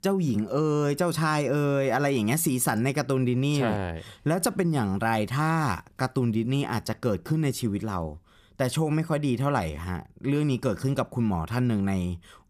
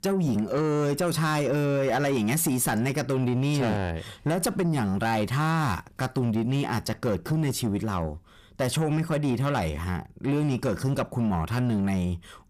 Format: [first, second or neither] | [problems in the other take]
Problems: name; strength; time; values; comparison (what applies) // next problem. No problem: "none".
first | distortion; slight; 10 dB below the speech